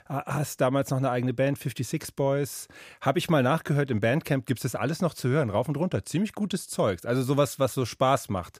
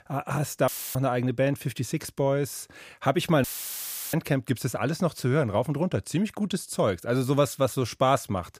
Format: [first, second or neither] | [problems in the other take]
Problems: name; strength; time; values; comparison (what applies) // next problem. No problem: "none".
first | audio cutting out; filled with static; at 0.5 s and at 3.5 s for 0.5 s